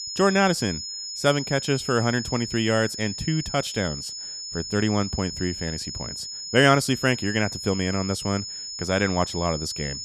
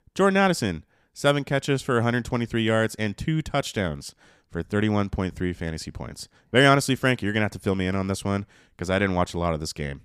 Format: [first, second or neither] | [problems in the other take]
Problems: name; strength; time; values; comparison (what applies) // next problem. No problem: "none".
second | high-pitched whine; loud; throughout; 5 kHz, 7 dB below the speech